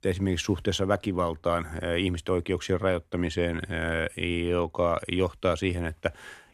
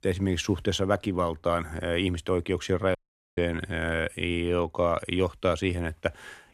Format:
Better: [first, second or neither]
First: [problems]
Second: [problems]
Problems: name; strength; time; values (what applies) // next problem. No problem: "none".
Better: first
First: none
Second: audio cutting out; at 3 s